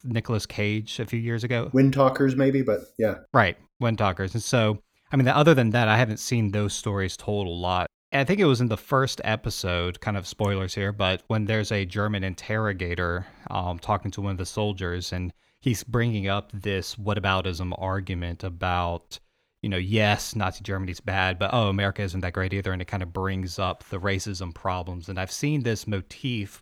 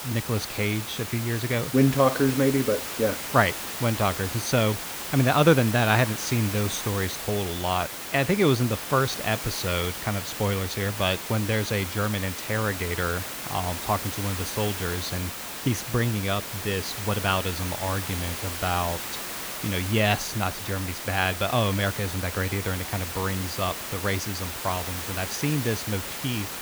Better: first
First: none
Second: hiss; loud; throughout; 6 dB below the speech

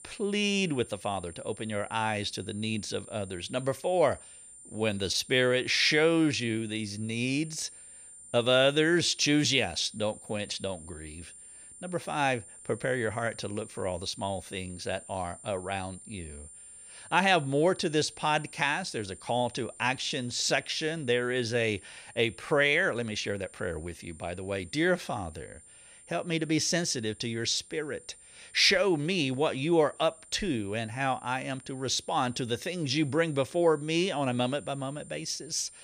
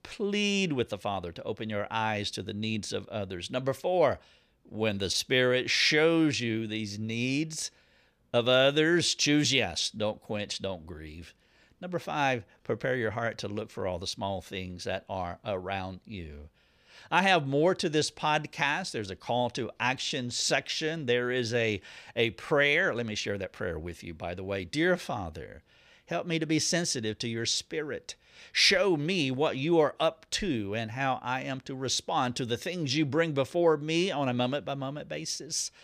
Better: second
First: high-pitched whine; noticeable; throughout; 9 kHz, 20 dB below the speech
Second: none

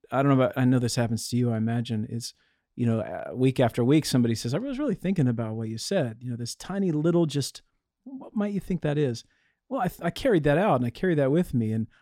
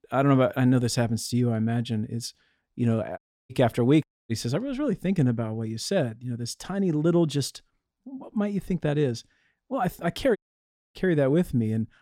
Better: first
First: none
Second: audio cutting out; at 3 s, at 4 s and at 10 s for 0.5 s

